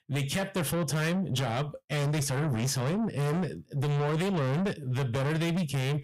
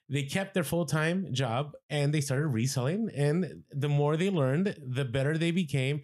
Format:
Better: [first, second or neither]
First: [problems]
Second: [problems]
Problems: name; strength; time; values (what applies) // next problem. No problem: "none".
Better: second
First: distortion; heavy; 7 dB below the speech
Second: none